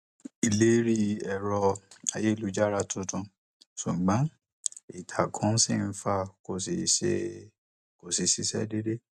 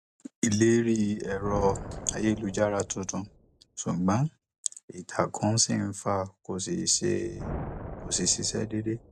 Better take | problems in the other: first | background sound (Thunder); 13 dB below the speech

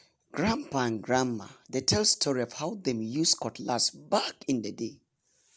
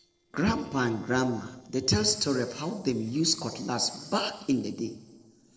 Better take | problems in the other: first | noise reduction (neural separator model SepFormer DNS4)

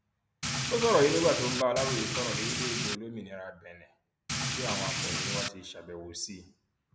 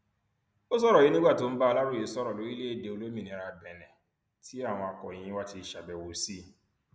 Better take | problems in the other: second | background sound (Rain); 1 dB above the speech

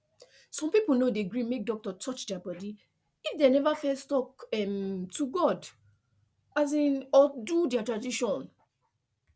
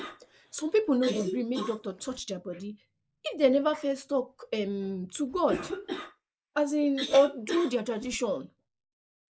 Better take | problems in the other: first | noise reduction (neural mask model Resemble Enhance denoiser)

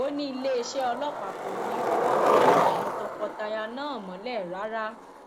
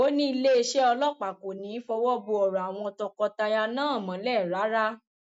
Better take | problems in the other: second | background sound (Skateboard); 4 dB above the speech

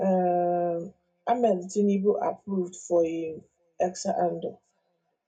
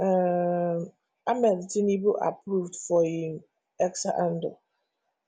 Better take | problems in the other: second | room echo; dies away in 0.2 s

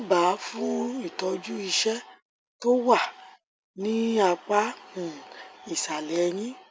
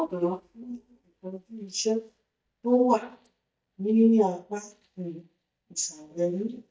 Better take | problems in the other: first | noise reduction (neural mask model DeepFilterNet 3)

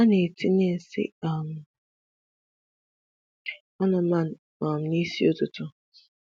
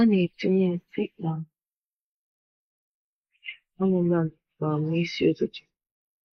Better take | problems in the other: first | noise reduction (neural mask model Resemble Enhance denoiser)

